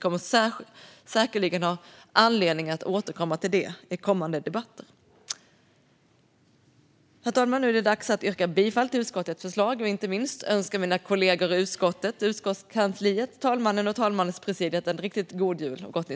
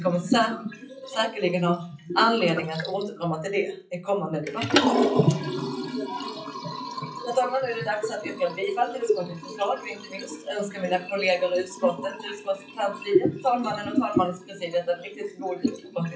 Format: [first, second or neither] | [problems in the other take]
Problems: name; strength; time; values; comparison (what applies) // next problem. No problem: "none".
first | noise reduction (classical method WPE with log-MMSE)